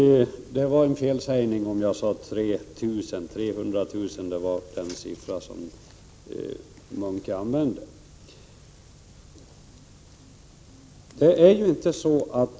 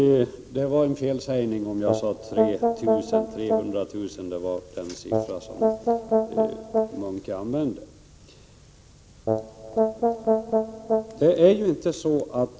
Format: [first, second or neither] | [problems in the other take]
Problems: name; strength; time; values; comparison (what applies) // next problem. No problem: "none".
first | background sound (Brass instrument); 2 dB above the speech